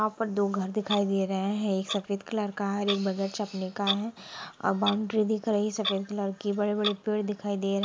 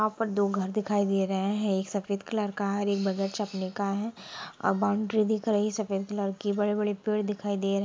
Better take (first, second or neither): second